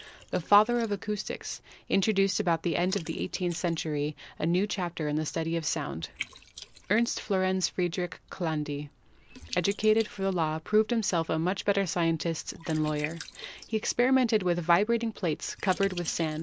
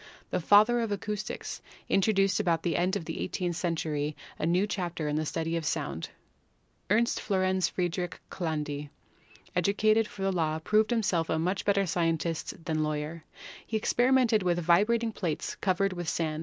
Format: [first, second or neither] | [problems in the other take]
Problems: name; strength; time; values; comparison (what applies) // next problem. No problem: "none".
second | background sound (Liquid); 20 dB below the speech